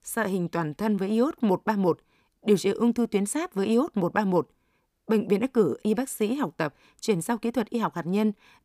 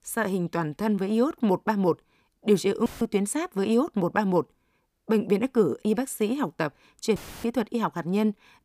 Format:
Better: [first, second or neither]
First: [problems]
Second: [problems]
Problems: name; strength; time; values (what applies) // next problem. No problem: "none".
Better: first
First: none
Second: audio cutting out; filled with static; at 3 s and at 7 s